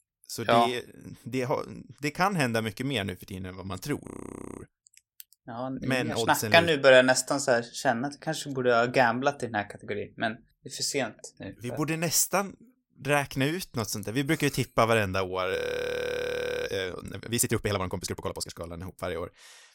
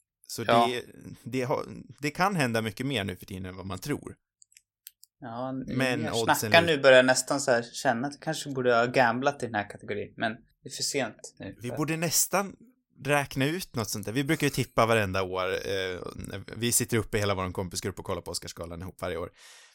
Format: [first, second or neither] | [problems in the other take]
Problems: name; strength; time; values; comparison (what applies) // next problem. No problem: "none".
second | audio freezing; at 4 s for 0.5 s and at 16 s for 1 s